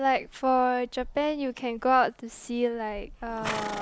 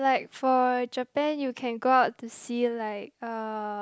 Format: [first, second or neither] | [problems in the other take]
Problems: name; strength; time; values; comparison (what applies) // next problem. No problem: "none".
second | background sound (Livestock, farm animals, working animals); 14 dB below the speech